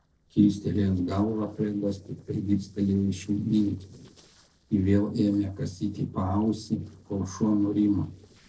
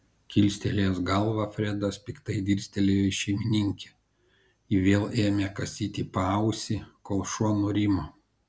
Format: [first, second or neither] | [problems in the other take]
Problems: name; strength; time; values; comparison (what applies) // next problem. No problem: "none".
second | noise reduction (neural separator model SepFormer DNS4)